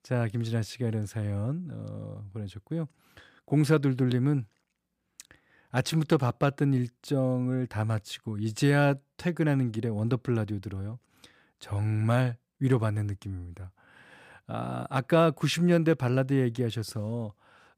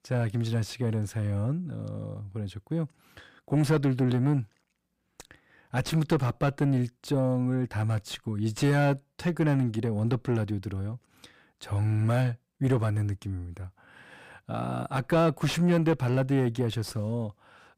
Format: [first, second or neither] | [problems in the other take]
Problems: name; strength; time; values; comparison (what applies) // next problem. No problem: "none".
first | distortion; slight; 10 dB below the speech